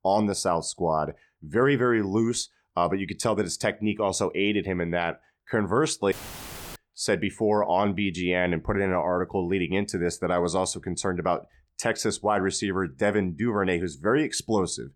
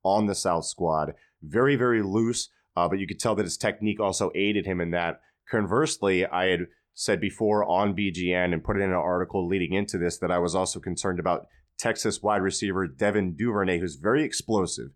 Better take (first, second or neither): second